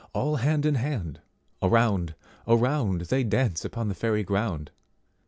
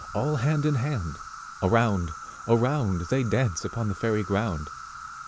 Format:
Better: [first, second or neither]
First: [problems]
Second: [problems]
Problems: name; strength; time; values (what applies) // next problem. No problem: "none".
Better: first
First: none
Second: background sound (Insect); 14 dB below the speech